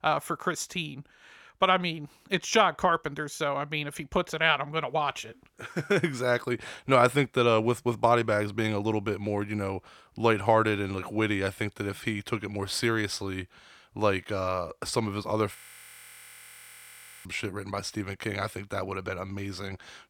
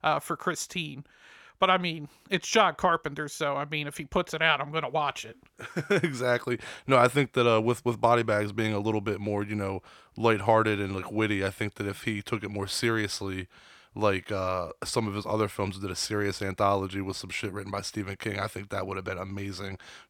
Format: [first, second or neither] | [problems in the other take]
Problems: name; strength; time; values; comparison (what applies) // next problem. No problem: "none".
second | audio freezing; at 16 s for 1.5 s